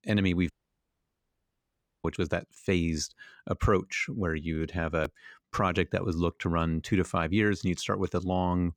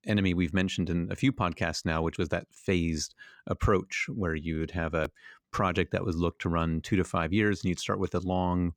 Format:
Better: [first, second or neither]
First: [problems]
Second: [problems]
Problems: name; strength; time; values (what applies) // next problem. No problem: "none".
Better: second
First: audio cutting out; at 0.5 s for 1.5 s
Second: none